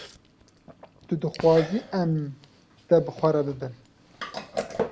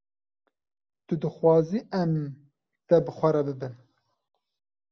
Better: second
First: background sound (Chewing, mastication); 11 dB below the speech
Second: none

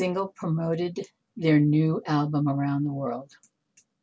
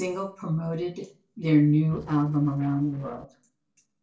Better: first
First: none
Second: noise reduction (neural separator model SepFormer DNS4)

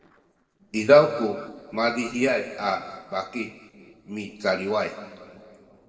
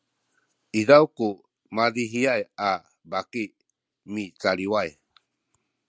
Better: second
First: noise reduction (neural separator model SepFormer DNS4)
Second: none

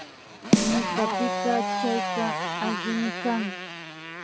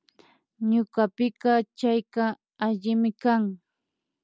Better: second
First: background sound (Motorcycle + Snare drum); 2 dB above the speech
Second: none

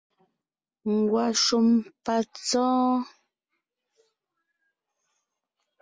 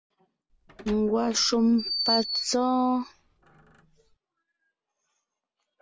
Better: first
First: none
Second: background sound (Door); 6 dB below the speech

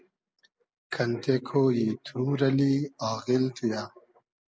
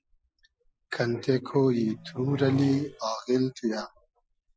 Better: first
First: none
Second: noise reduction (classical method Wiener filter)

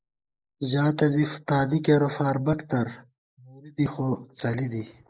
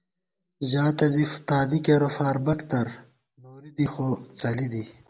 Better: second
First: noise reduction (neural mask model Resemble Enhance denoiser)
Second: none

